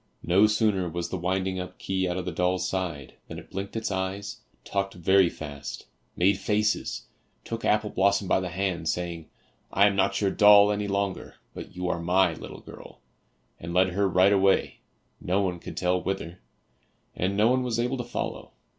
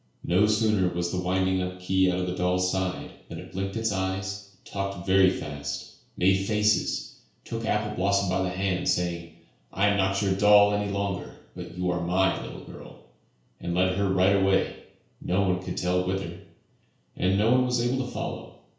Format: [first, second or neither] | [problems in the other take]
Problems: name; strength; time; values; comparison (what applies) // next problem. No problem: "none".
first | room echo; dies away in 0.5 s